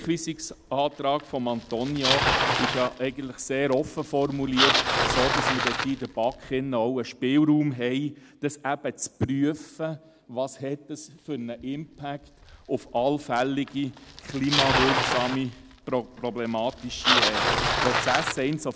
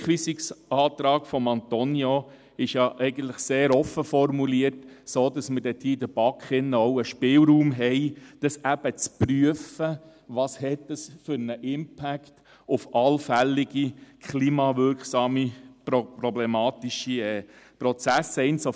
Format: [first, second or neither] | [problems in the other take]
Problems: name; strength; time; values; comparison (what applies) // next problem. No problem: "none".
second | background sound (Bicycle); 2 dB below the speech